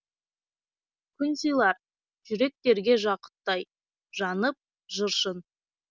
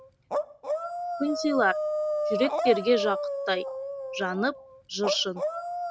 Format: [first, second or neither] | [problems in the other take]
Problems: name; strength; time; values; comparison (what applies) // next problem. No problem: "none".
first | background sound (Dog); 2 dB below the speech